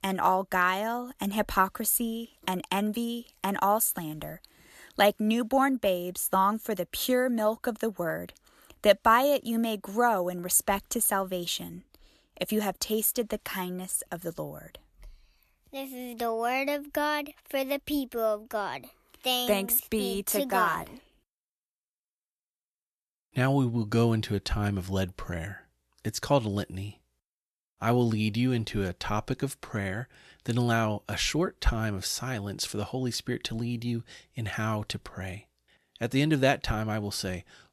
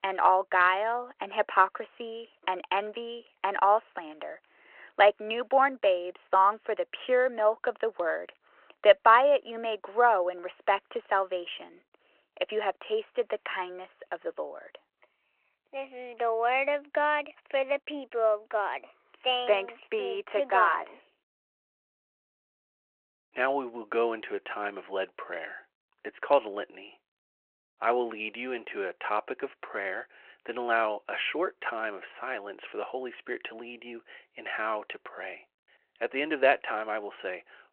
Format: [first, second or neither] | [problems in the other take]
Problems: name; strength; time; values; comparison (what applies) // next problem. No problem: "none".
first | phone-call audio